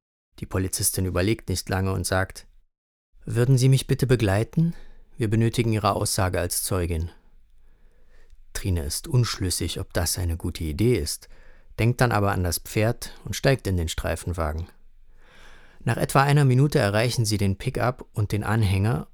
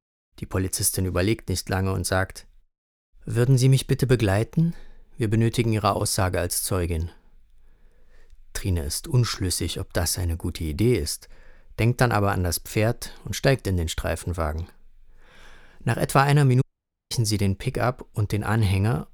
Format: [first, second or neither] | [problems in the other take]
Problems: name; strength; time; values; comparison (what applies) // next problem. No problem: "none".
first | audio cutting out; at 17 s